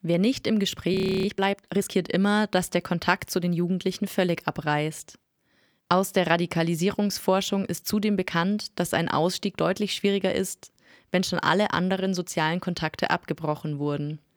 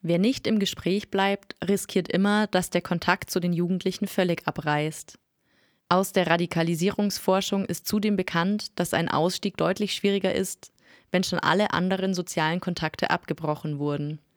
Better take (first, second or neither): second